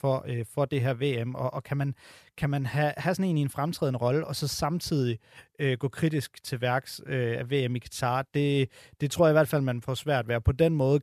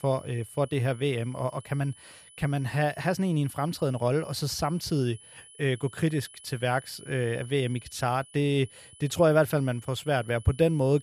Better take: first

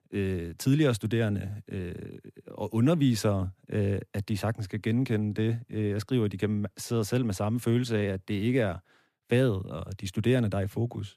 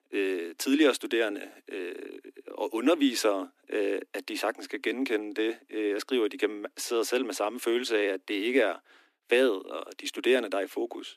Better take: first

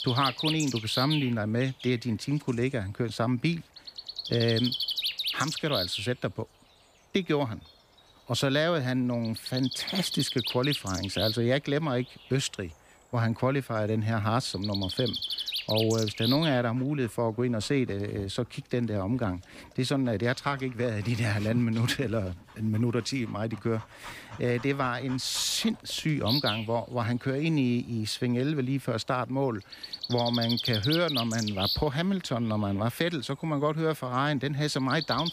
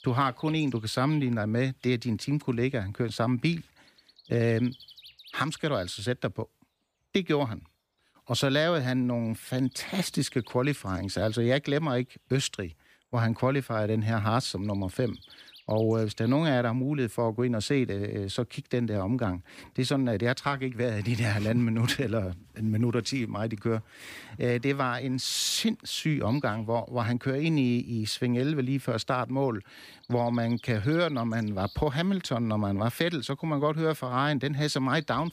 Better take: second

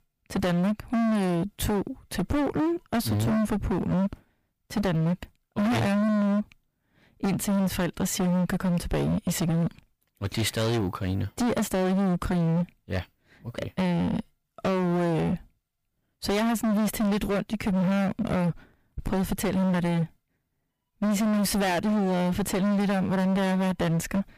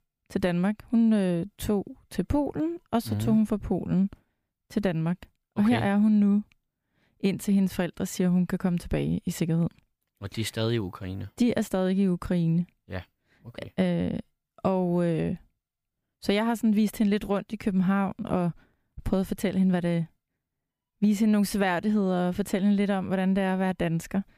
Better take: second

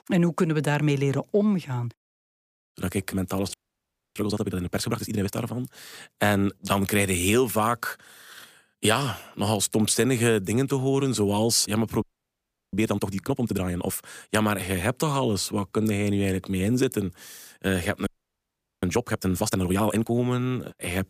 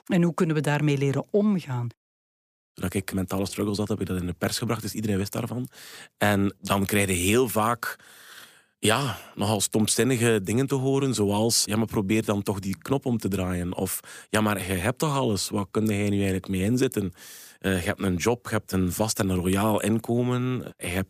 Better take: second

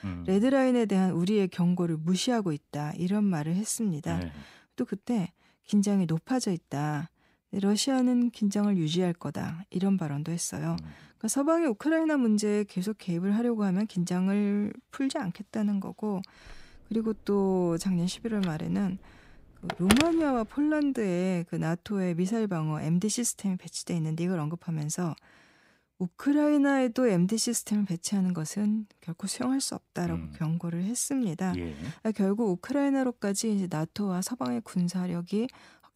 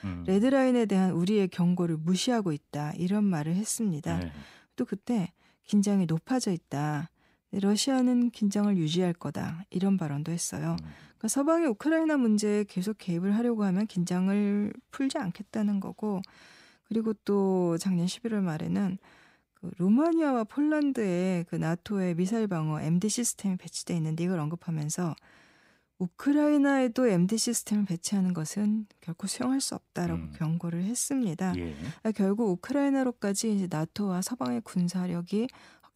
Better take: second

